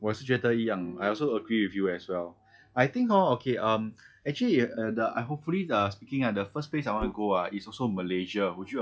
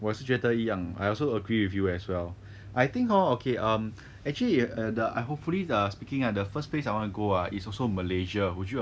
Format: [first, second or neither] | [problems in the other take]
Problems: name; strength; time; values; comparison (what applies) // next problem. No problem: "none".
second | noise reduction (classical method log-MMSE)